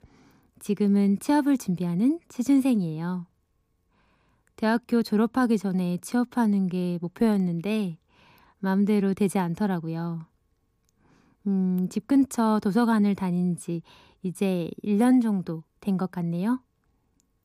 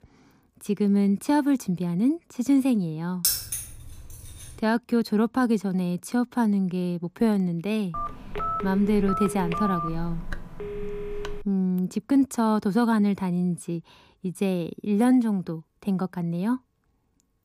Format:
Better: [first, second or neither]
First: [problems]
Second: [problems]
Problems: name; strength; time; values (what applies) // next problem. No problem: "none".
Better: first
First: none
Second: jangling keys; loud; from 3 to 4.5 s; peak 2 dB above the speech // phone ringing; noticeable; from 8 to 11 s; peak 3 dB below the speech